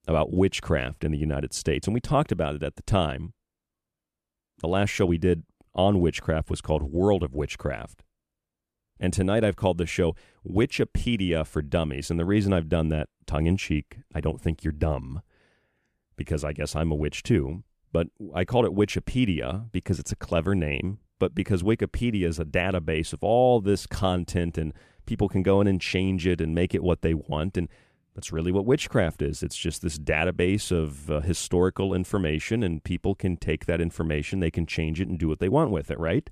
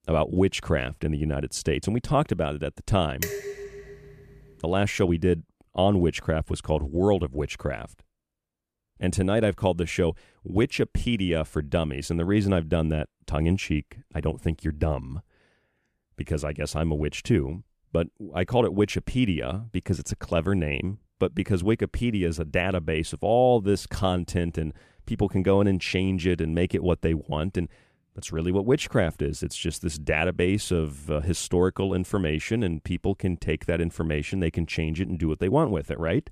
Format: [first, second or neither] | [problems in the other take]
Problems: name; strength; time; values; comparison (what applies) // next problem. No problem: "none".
first | clattering dishes; noticeable; at 3 s; peak 5 dB below the speech